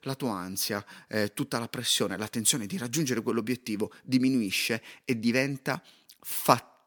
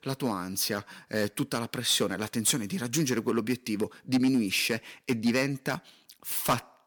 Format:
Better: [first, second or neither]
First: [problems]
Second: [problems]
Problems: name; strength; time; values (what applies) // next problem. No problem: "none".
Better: first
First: none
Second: distortion; slight; 2% of the sound clipped